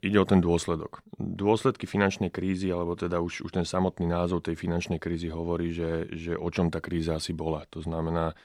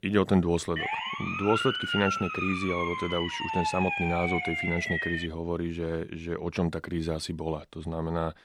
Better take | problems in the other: first | siren; loud; from 1 to 5.5 s; peak 1 dB above the speech

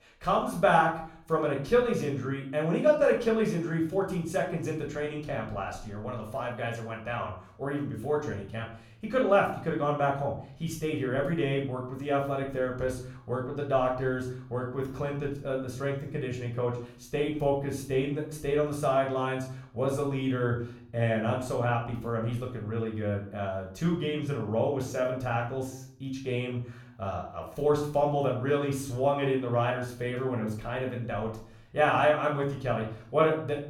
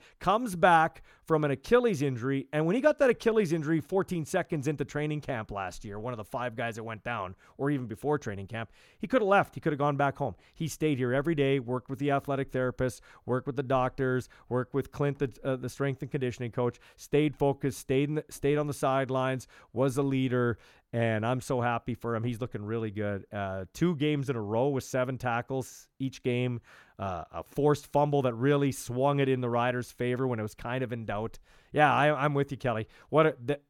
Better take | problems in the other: second | off-mic speech; somewhat distant // room echo; slight; dies away in 0.5 s

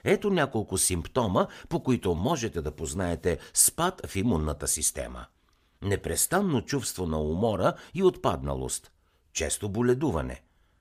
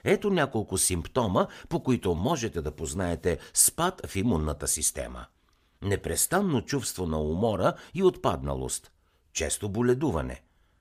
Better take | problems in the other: neither | none

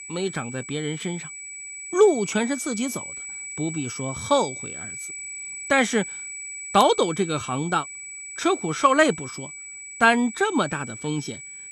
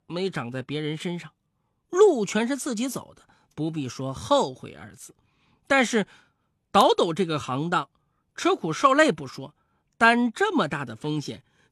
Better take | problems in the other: second | high-pitched whine; noticeable; throughout; 8 kHz, 10 dB below the speech

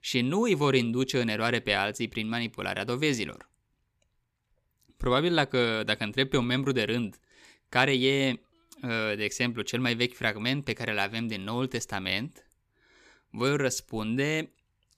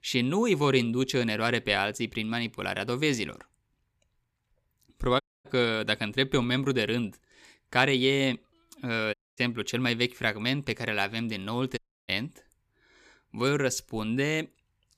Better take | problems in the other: first | audio cutting out; at 5 s, at 9 s and at 12 s

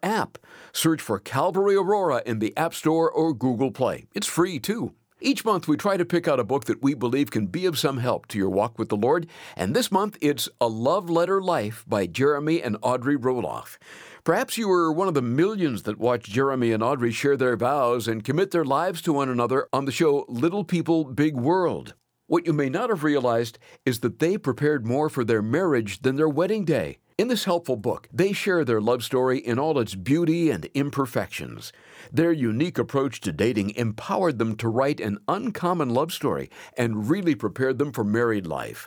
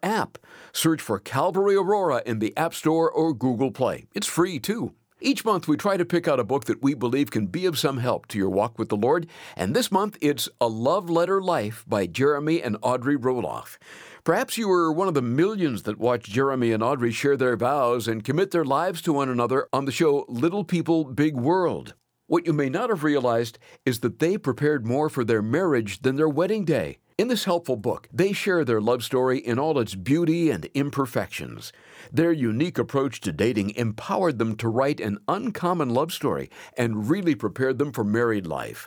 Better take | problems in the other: neither | none

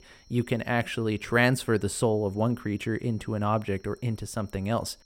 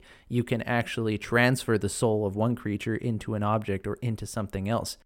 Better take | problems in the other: second | high-pitched whine; faint; throughout; 5.5 kHz, 35 dB below the speech

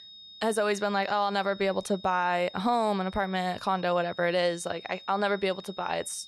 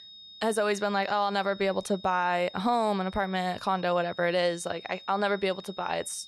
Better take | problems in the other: neither | high-pitched whine; noticeable; throughout; 3.5 kHz, 20 dB below the speech; the same in both

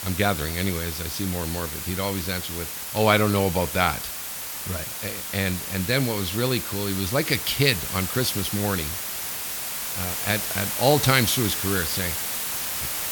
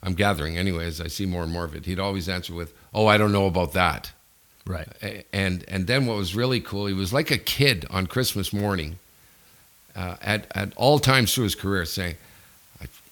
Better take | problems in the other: second | hiss; loud; throughout; 3 dB below the speech; faint in the second

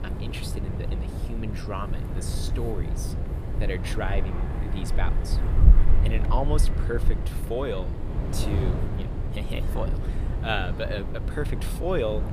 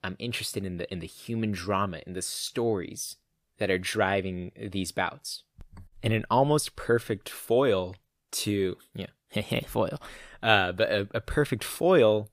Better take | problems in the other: second | wind noise on the microphone; heavy; 6 dB below the speech

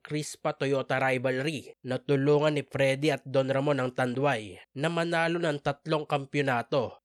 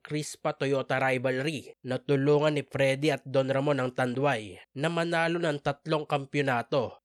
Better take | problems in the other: neither | none

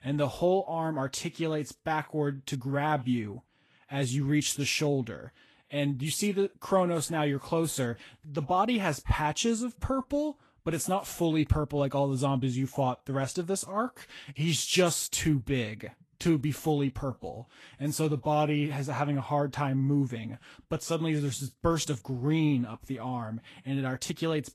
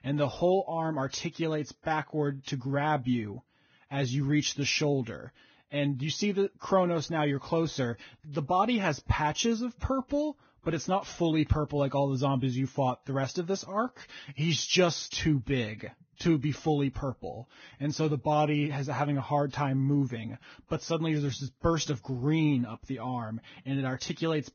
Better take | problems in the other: first | garbled, watery; badly; nothing above 6.5 kHz; slightly in the first

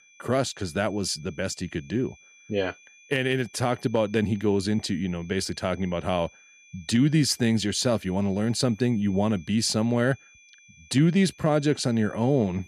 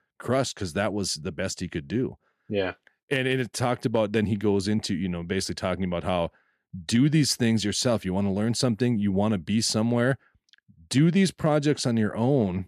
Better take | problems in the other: second | high-pitched whine; faint; throughout; 2.5 kHz, 25 dB below the speech

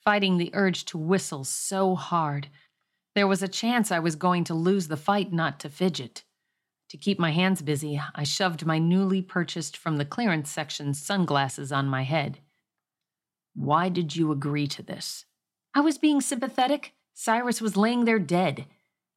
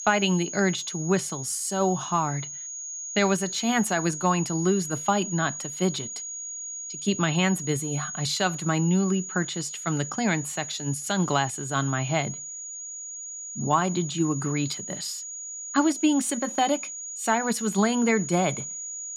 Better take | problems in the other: first | high-pitched whine; loud; throughout; 7 kHz, 7 dB below the speech

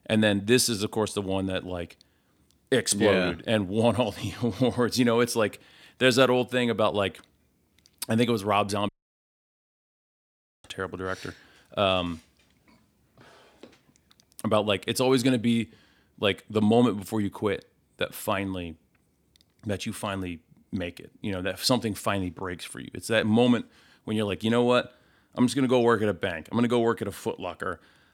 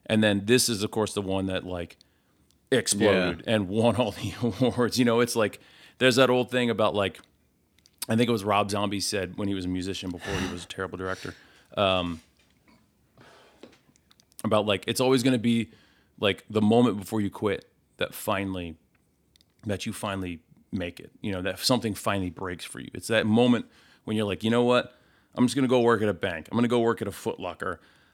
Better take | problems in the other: second | audio cutting out; at 9 s for 2 s

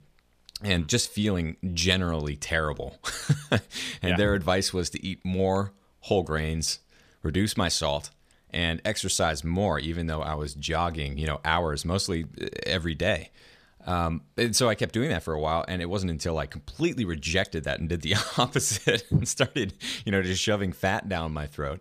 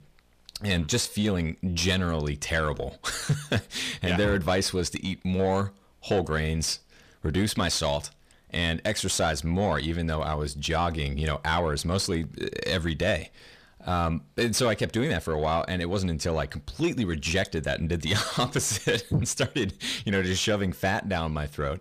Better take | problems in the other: first | distortion; slight; 10 dB below the speech

